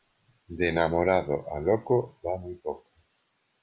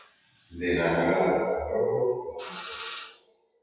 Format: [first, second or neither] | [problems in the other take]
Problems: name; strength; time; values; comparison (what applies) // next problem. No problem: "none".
first | noise reduction (classical method WPE with log-MMSE)